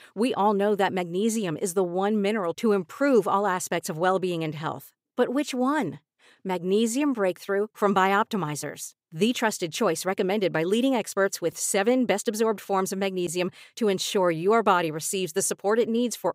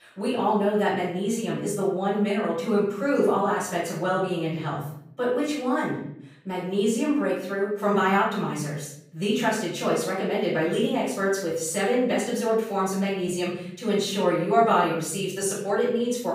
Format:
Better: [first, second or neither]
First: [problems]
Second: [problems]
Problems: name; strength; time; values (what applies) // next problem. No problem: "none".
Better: first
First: none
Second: off-mic speech; far // room echo; noticeable; dies away in 0.7 s